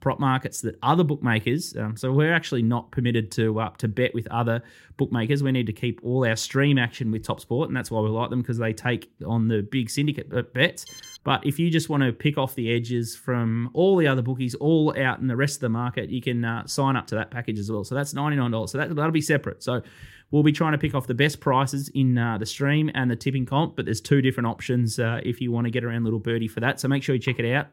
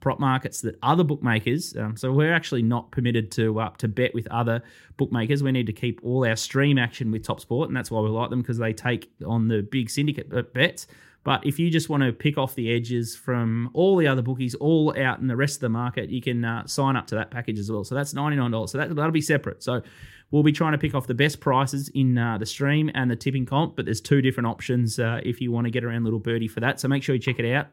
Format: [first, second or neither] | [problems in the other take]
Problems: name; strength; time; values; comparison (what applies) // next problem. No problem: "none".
second | alarm; faint; at 11 s; peak 15 dB below the speech